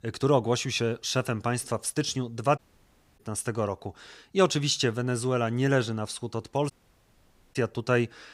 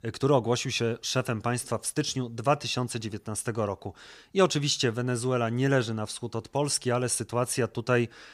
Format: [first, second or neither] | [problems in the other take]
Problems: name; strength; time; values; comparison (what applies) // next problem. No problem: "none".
second | audio cutting out; at 2.5 s for 0.5 s and at 6.5 s for 1 s